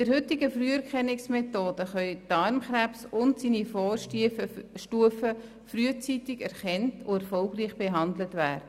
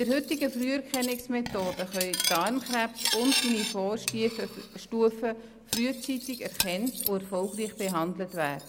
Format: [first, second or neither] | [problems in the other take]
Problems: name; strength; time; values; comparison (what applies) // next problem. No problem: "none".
first | background sound (Cutlery, silverware); 6 dB below the speech